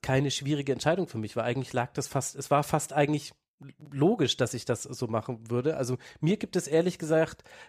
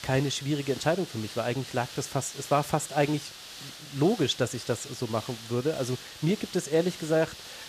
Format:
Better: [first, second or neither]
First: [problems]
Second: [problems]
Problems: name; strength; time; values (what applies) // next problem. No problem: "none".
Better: first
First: none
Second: hiss; noticeable; throughout; 10 dB below the speech